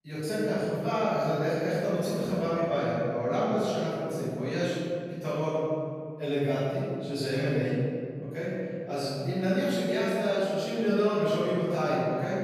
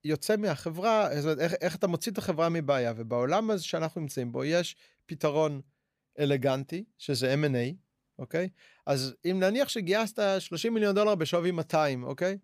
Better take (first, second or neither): second